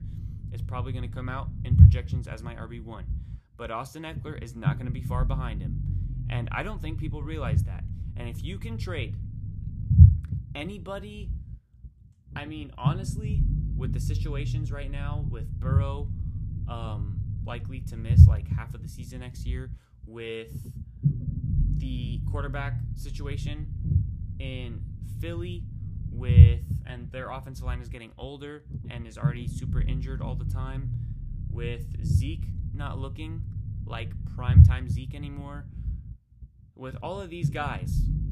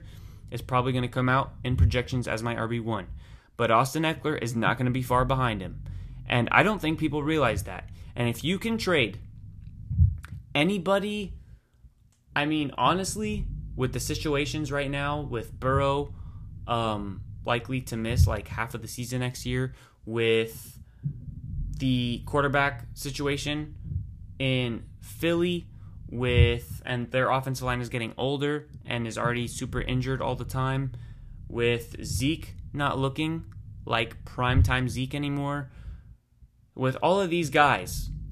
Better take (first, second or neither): second